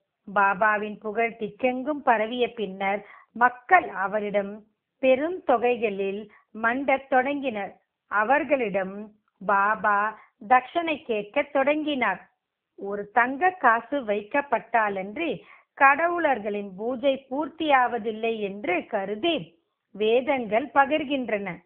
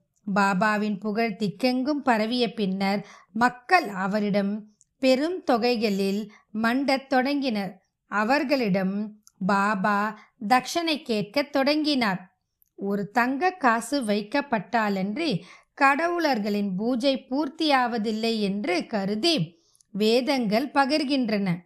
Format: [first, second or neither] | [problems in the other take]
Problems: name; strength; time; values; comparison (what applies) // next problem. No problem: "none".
second | phone-call audio; poor line; nothing above 3.5 kHz